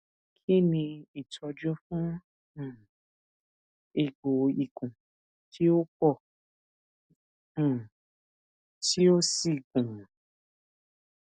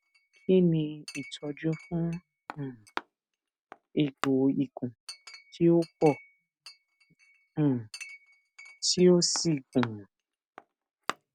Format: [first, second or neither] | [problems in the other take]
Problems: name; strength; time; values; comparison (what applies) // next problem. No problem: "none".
first | background sound (Chink, clink); 16 dB below the speech